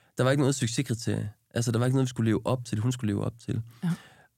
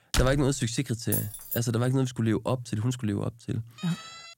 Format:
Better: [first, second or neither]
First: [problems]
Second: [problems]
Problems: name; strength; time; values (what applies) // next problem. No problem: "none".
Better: first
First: none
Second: door banging; noticeable; at the start; peak 1 dB below the speech // jangling keys; noticeable; at 1 s; peak 2 dB below the speech // siren; faint; at 4 s; peak 15 dB below the speech